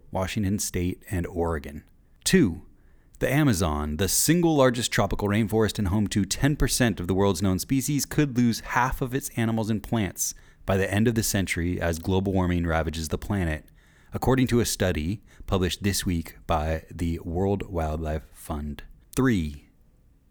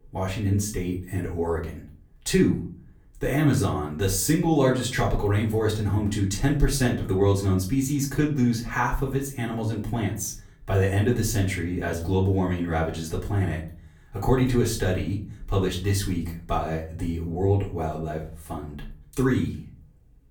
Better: first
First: none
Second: off-mic speech; far // room echo; slight; dies away in 0.4 s

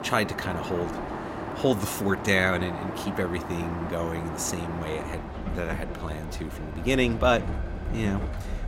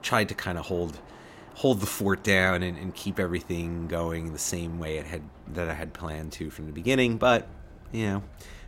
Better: second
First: train or aircraft noise; loud; throughout; 6 dB below the speech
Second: train or aircraft noise; faint; throughout; 20 dB below the speech

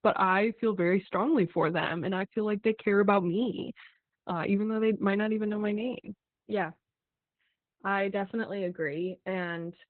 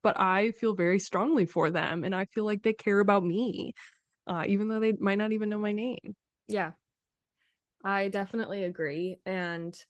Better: second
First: garbled, watery; badly; nothing above 4 kHz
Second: garbled, watery; slightly; nothing above 13 kHz

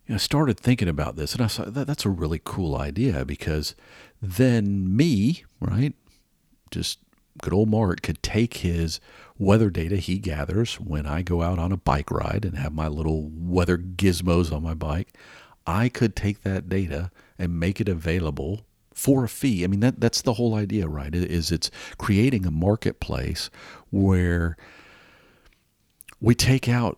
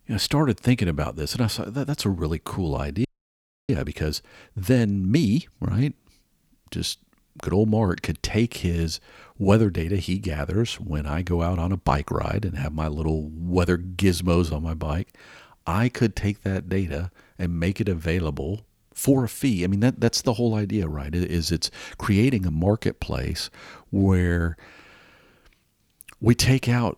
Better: first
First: none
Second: audio freezing; at 3 s for 0.5 s

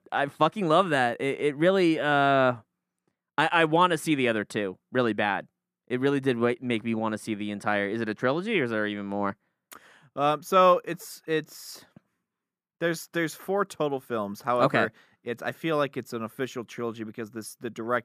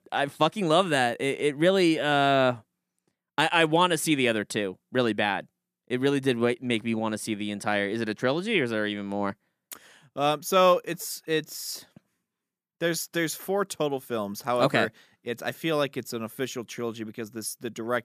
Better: second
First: muffled; very slightly; fading above 3 kHz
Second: none

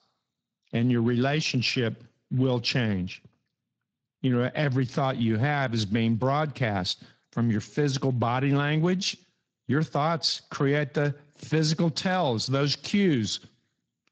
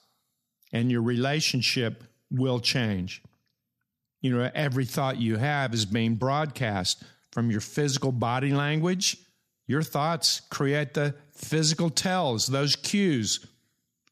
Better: second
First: garbled, watery; slightly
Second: none

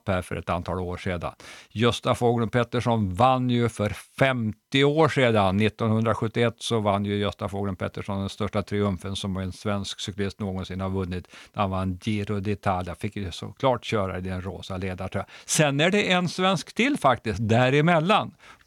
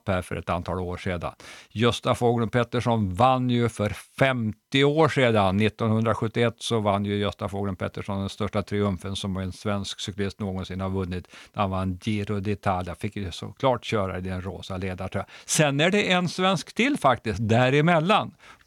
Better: neither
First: none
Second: none

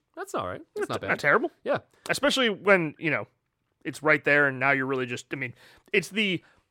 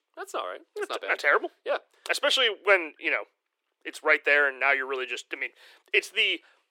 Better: first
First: none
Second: thin; very; fading below 350 Hz

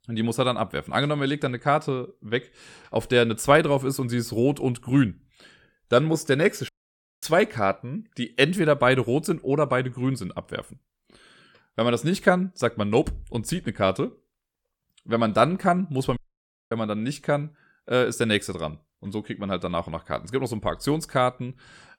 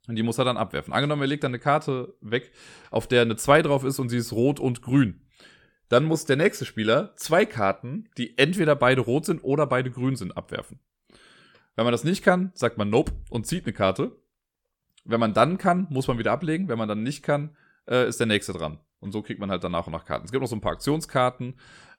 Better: second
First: audio cutting out; at 6.5 s for 0.5 s and at 16 s for 0.5 s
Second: none

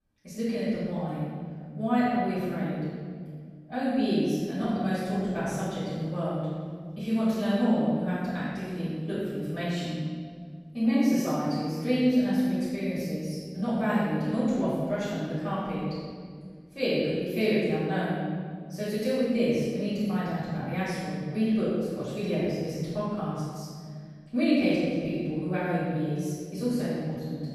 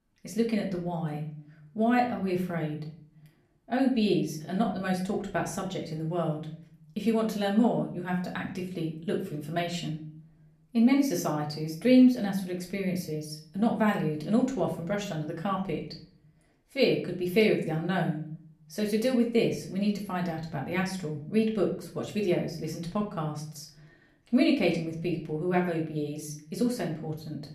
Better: second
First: room echo; strong; dies away in 2 s // off-mic speech; far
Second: room echo; slight; dies away in 0.5 s // off-mic speech; far

